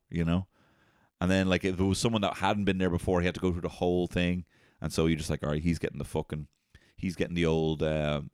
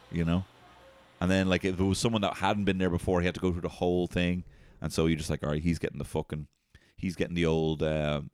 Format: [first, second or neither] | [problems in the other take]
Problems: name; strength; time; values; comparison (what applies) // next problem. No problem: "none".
first | traffic noise; faint; until 5.5 s; 30 dB below the speech